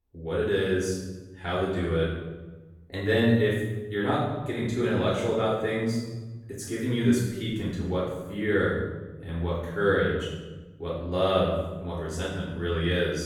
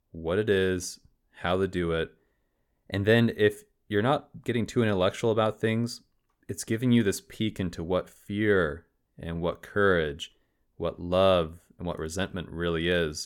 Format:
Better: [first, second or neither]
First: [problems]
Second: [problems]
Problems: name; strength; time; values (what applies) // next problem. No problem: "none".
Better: second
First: off-mic speech; far // room echo; noticeable; dies away in 1.1 s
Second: none